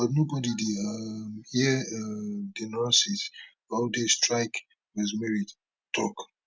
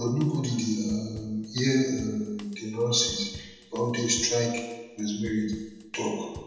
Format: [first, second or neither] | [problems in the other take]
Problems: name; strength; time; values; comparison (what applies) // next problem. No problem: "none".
first | background sound (Drum kit); 20 dB below the speech // room echo; dies away in 1 s